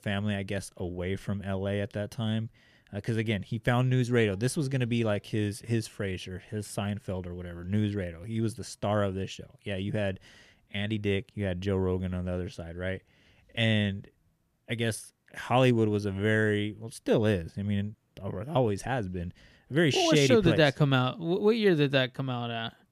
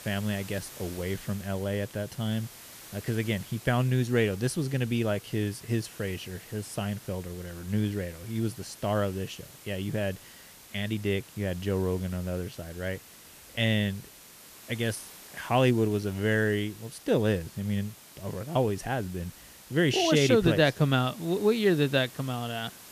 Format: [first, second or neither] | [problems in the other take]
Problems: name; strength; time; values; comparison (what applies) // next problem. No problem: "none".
first | hiss; noticeable; throughout; 20 dB below the speech